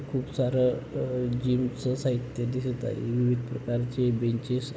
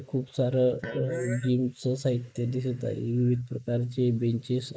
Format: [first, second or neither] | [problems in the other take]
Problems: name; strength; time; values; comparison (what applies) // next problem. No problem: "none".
first | noise reduction (neural mask model Resemble Enhance denoiser)